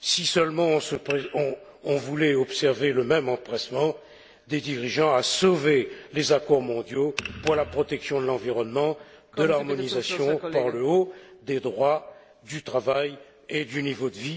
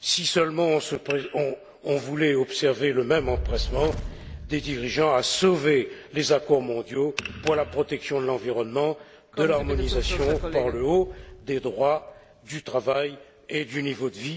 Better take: first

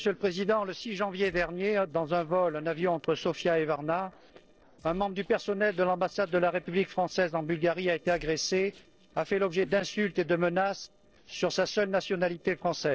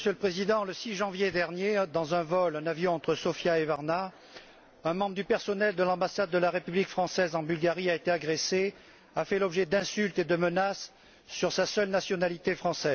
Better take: second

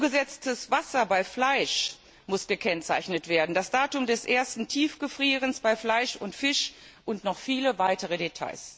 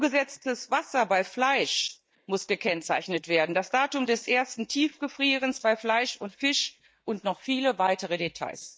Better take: first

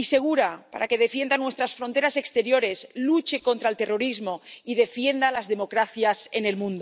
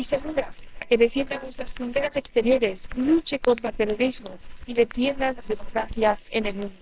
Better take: first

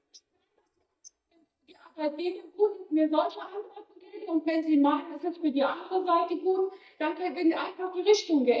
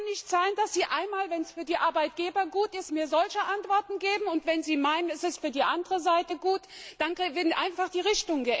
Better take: second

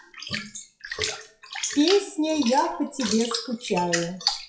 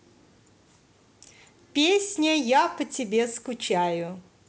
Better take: second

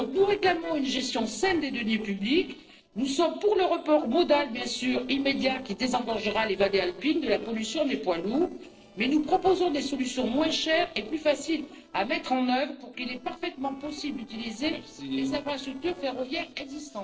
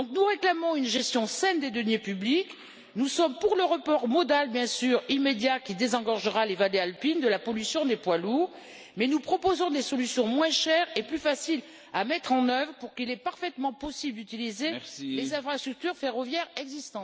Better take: second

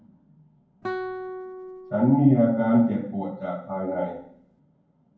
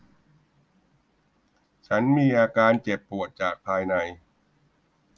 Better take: second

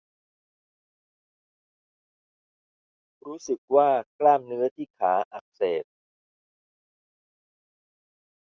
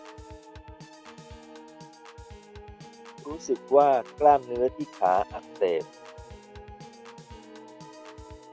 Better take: first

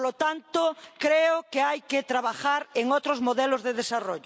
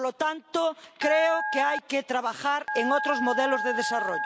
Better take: first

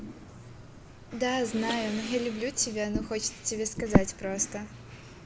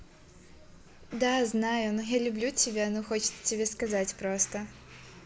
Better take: second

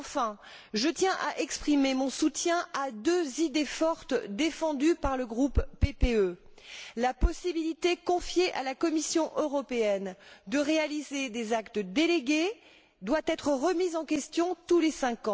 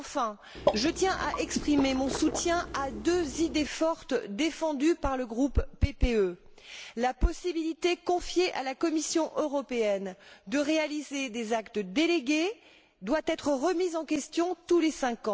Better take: first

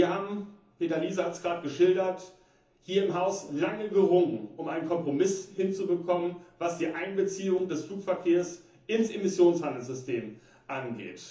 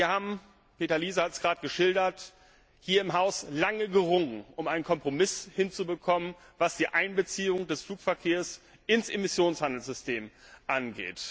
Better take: second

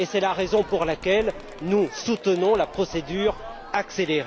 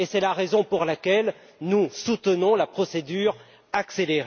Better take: second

